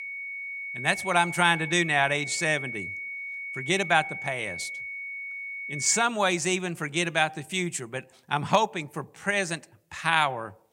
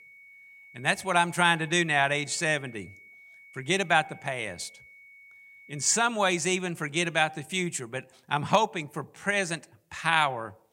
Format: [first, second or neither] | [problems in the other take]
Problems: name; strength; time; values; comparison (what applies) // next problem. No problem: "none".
second | high-pitched whine; loud; until 6 s; 2 kHz, 8 dB below the speech; faint in the second